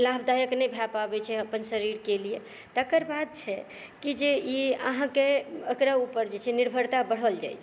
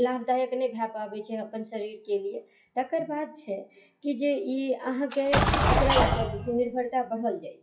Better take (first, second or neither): first